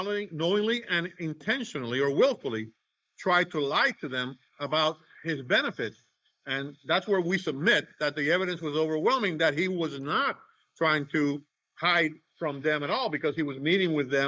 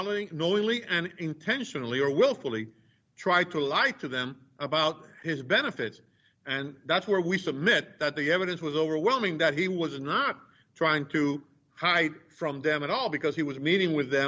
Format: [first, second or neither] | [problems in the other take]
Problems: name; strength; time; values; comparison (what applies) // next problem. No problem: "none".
second | noise reduction (neural mask model Resemble Enhance denoiser)